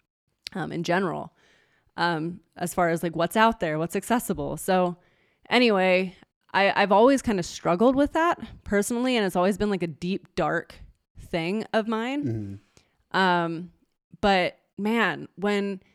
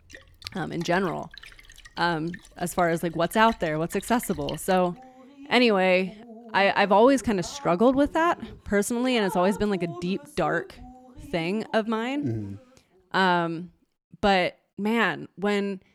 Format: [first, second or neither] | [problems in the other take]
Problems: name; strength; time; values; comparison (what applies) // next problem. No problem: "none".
first | rain or running water; noticeable; until 13 s; 20 dB below the speech